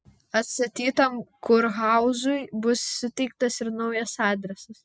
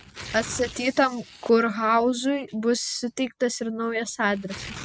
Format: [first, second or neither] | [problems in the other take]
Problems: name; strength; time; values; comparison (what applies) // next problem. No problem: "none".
first | background sound (Tearing); 18 dB below the speech